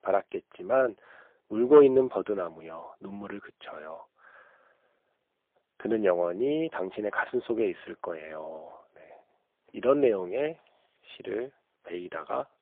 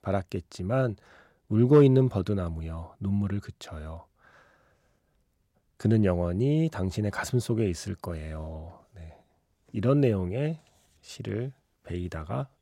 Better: second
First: phone-call audio; poor line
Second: none

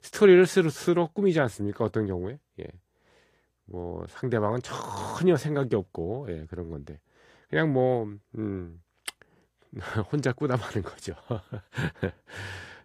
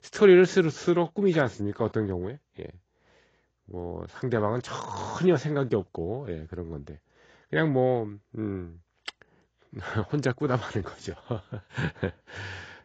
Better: first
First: garbled, watery; slightly; nothing above 15 kHz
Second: garbled, watery; badly; nothing above 7.5 kHz

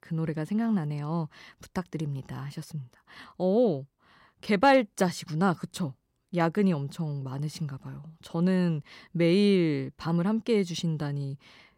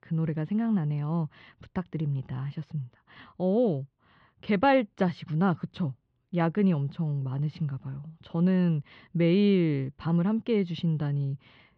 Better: first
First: none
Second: muffled; slightly; fading above 3.5 kHz

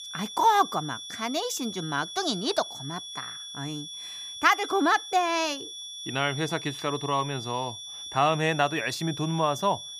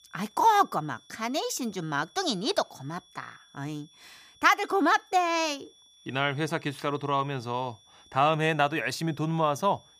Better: second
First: high-pitched whine; loud; throughout; 3.5 kHz, 10 dB below the speech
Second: high-pitched whine; faint; throughout; 3.5 kHz, 30 dB below the speech

